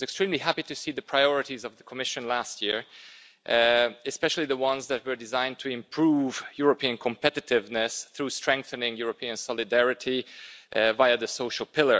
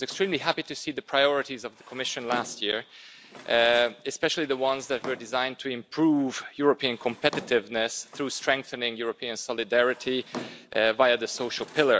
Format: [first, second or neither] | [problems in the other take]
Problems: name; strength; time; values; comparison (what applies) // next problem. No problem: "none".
first | background sound (Drawer open or close); 19 dB below the speech